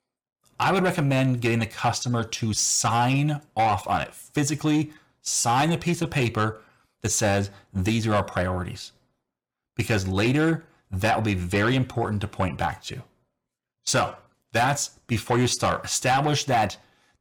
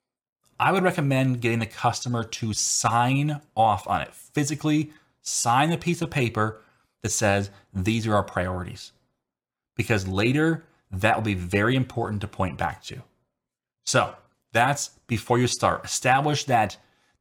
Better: second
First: distortion; slight; 10 dB below the speech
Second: none

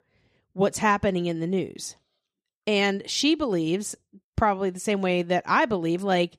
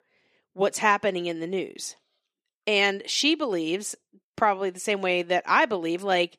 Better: first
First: none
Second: thin; somewhat; fading below 300 Hz

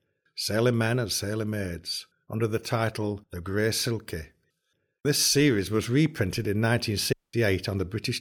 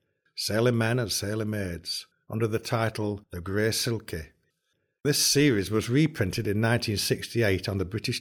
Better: second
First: audio cutting out; at 7 s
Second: none

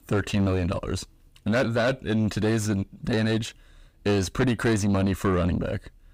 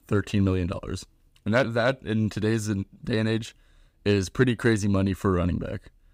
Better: second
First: distortion; heavy; 6 dB below the speech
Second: none

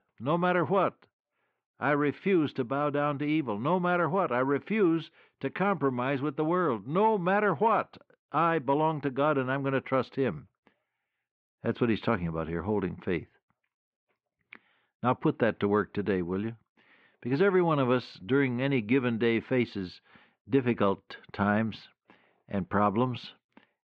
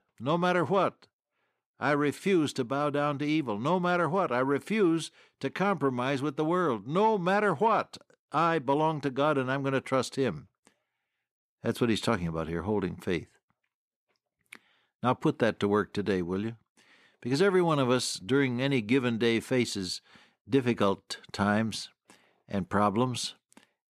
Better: second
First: muffled; very; fading above 3 kHz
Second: none

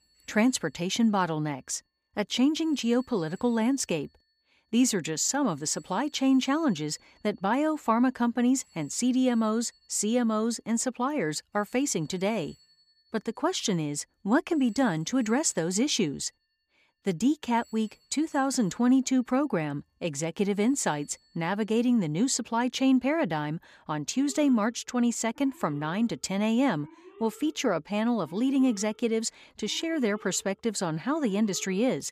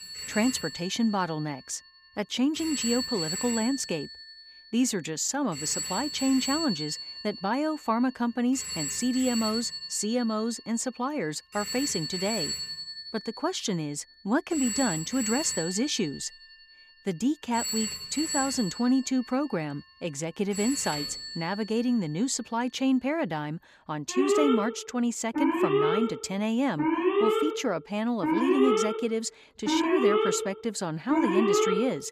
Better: first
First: alarms or sirens; faint; throughout; 30 dB below the speech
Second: alarms or sirens; loud; throughout; 1 dB below the speech

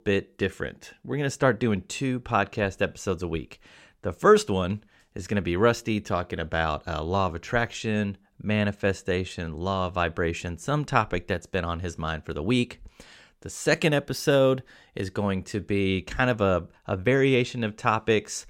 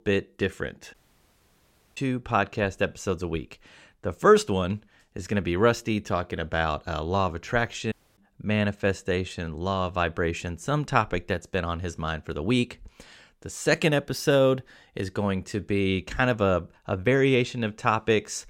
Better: first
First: none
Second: audio cutting out; at 1 s for 1 s and at 8 s

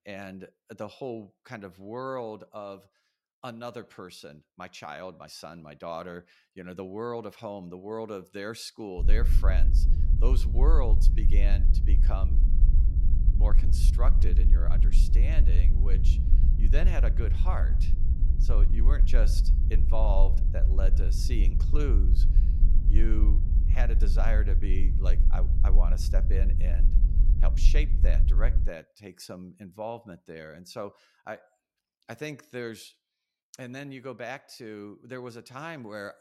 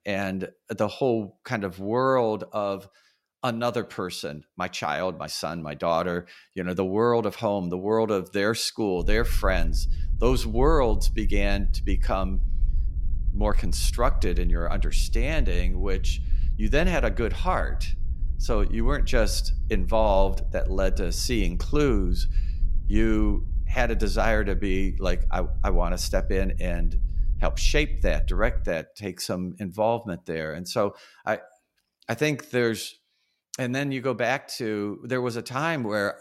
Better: second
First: low rumble; loud; from 9 to 29 s; 8 dB below the speech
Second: low rumble; faint; from 9 to 29 s; 25 dB below the speech

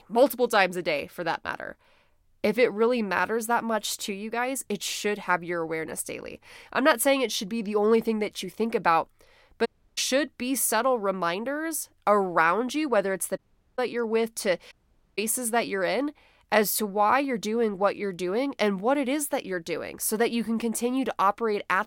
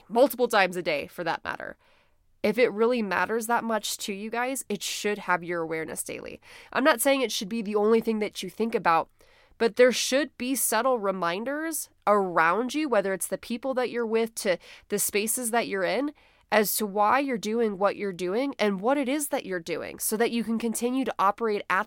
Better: second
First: audio cutting out; at 9.5 s, at 13 s and at 15 s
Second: none

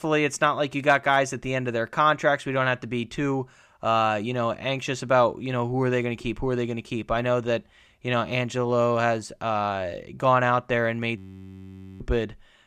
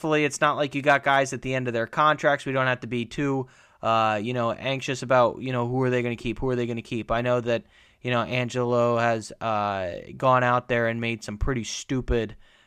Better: second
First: audio freezing; at 11 s for 1 s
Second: none

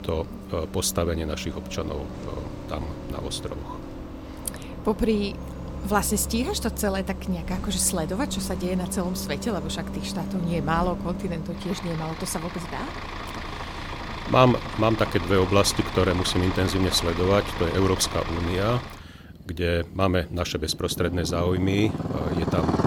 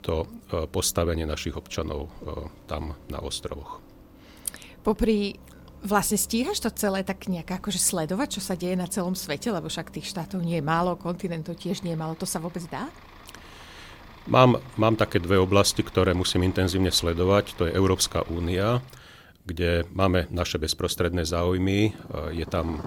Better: second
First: traffic noise; loud; throughout; 8 dB below the speech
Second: traffic noise; faint; throughout; 20 dB below the speech

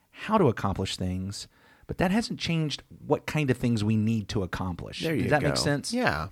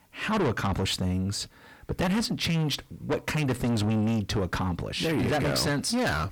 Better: first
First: none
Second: distortion; heavy; 6 dB below the speech

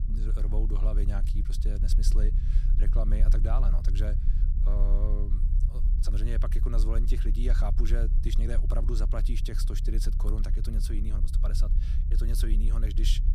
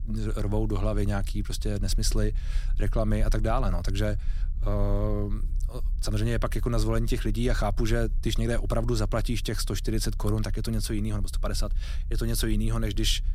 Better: second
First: low rumble; loud; throughout; 8 dB below the speech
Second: low rumble; faint; throughout; 25 dB below the speech

